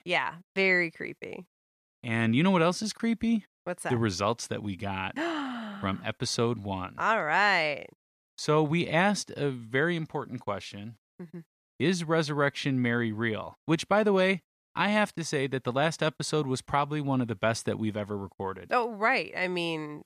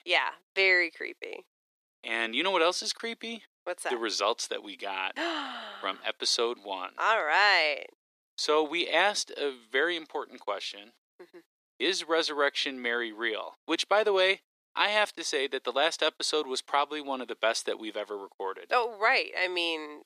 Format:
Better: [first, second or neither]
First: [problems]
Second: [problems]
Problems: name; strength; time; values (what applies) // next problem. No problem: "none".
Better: first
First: none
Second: thin; very; fading below 350 Hz